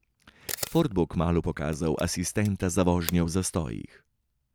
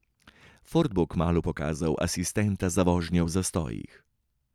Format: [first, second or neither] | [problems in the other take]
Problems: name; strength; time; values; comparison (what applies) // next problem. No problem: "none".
second | background sound (Camera); 14 dB below the speech